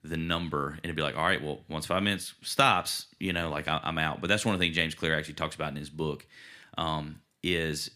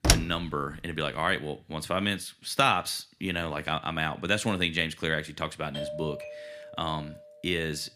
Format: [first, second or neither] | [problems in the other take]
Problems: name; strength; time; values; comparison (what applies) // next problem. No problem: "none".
first | door banging; loud; at the start; peak 6 dB above the speech // doorbell; noticeable; from 5.5 to 7.5 s; peak 7 dB below the speech